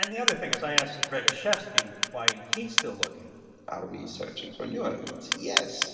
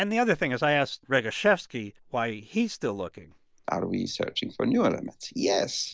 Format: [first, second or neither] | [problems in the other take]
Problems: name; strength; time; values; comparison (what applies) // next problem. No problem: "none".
second | background sound (Clock); 3 dB above the speech // room echo; dies away in 2.5 s